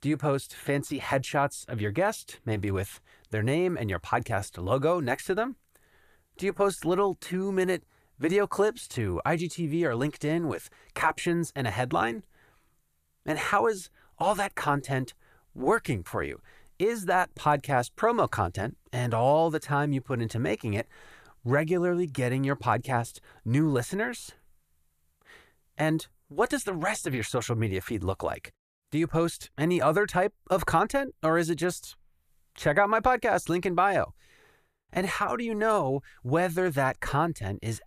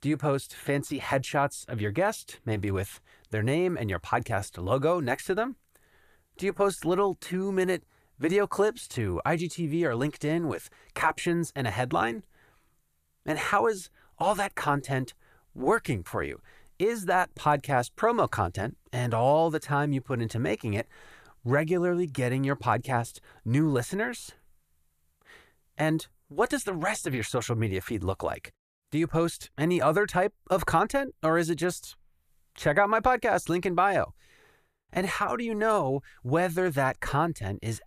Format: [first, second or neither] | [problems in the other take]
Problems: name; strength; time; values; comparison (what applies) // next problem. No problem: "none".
neither | none